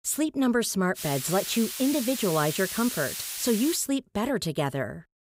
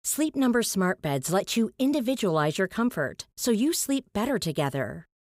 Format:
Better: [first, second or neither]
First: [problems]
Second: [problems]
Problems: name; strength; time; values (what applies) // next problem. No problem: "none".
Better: second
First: hiss; loud; from 1 to 4 s; 6 dB below the speech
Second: none